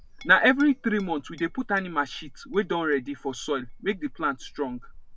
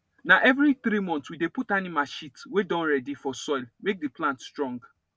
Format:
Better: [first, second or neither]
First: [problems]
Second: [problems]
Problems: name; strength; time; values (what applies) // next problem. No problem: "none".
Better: second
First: background sound (Chink, clink); 18 dB below the speech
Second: none